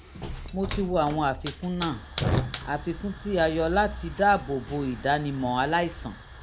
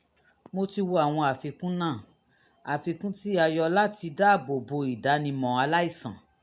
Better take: second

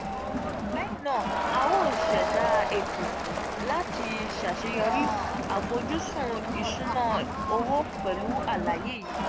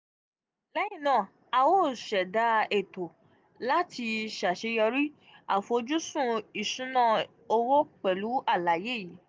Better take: second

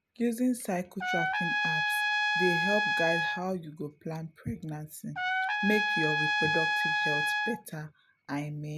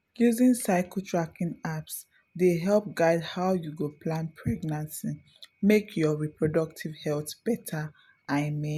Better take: second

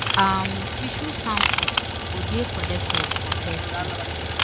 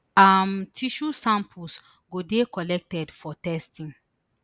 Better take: second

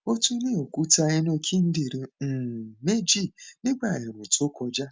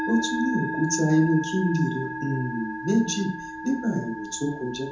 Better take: first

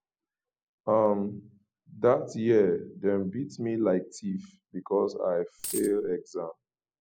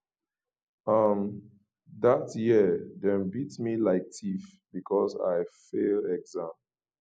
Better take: second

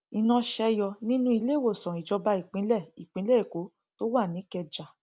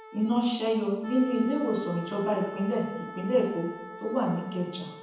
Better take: first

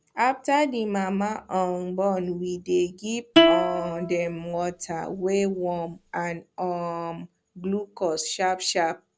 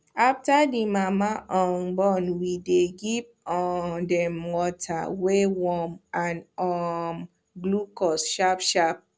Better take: second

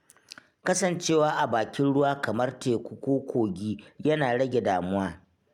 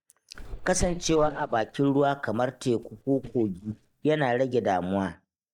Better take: first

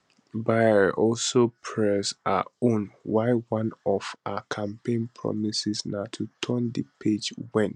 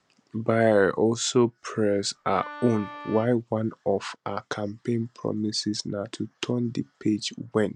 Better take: first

